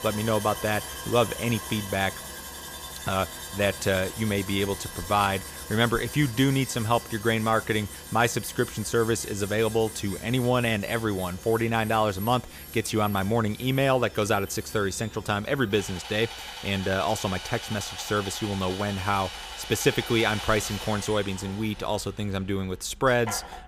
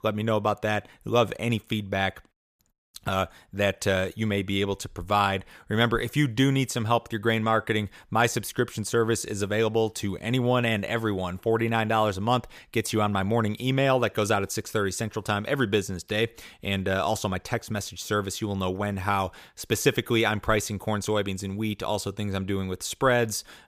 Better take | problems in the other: second | machinery noise; noticeable; throughout; 10 dB below the speech

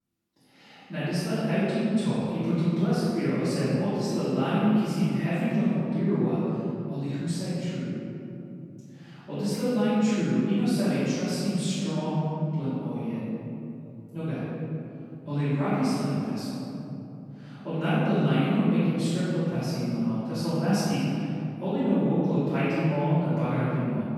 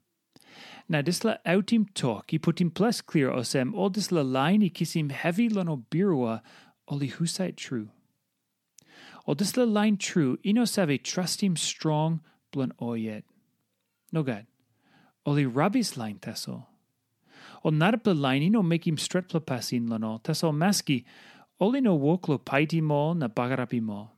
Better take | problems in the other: second | room echo; strong; dies away in 3 s // off-mic speech; far

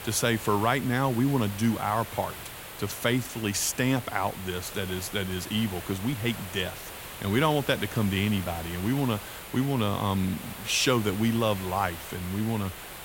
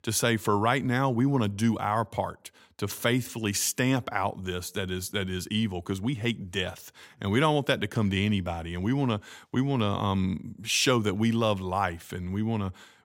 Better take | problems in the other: second | hiss; noticeable; throughout; 10 dB below the speech

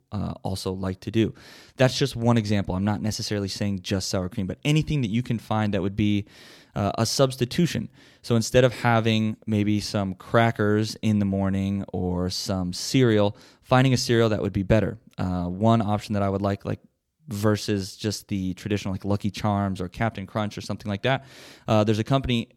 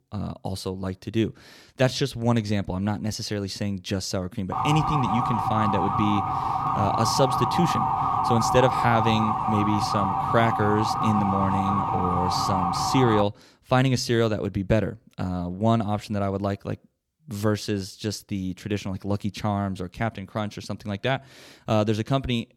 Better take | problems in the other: first | siren; loud; from 4.5 to 13 s; peak 3 dB above the speech

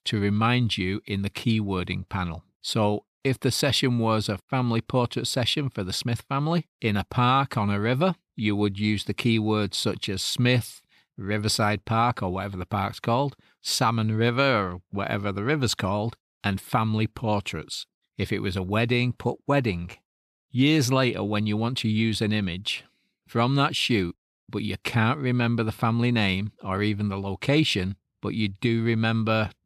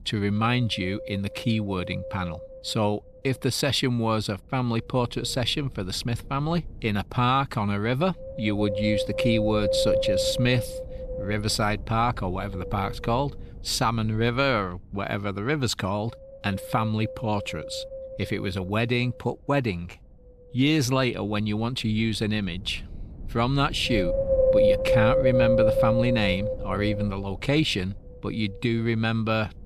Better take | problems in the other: first | wind noise on the microphone; heavy; 1 dB above the speech

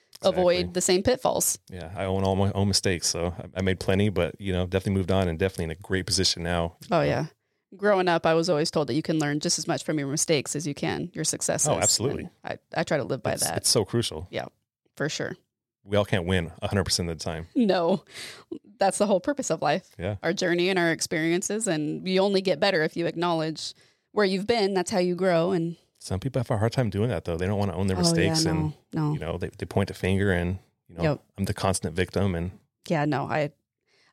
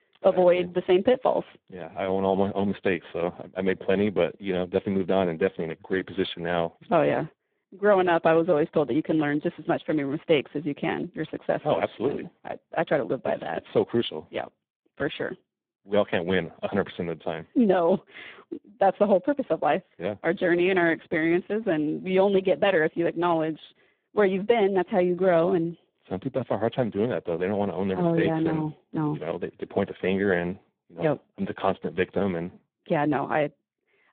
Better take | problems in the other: first | phone-call audio; poor line

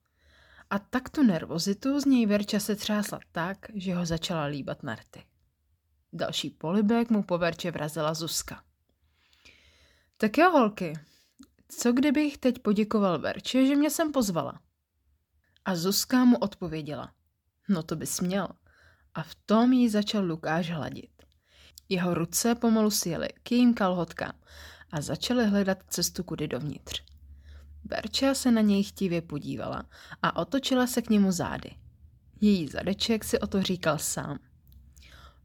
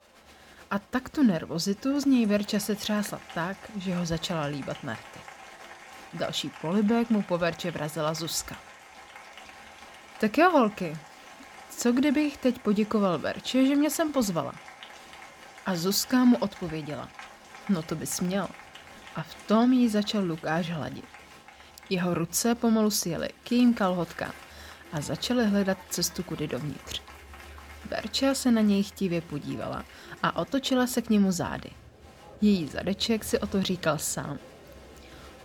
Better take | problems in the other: first | crowd noise; faint; throughout; 20 dB below the speech

